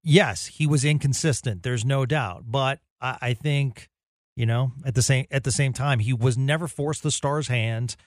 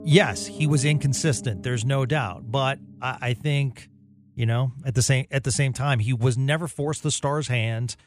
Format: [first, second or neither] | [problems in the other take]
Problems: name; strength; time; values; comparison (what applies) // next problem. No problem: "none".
first | background music; noticeable; throughout; 15 dB below the speech